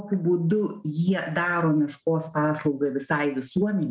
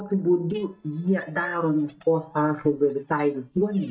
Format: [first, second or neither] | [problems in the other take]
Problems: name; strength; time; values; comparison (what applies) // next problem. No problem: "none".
first | noise reduction (neural mask model DeepFilterNet 3)